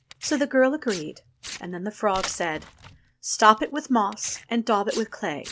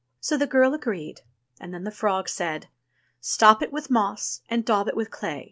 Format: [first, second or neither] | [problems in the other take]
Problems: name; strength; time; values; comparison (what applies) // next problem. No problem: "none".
second | background sound (Tearing); 17 dB below the speech